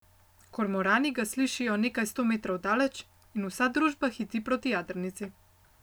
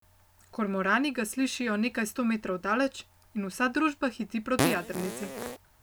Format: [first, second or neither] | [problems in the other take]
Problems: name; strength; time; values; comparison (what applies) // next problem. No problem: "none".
first | background sound (Fart); 1 dB below the speech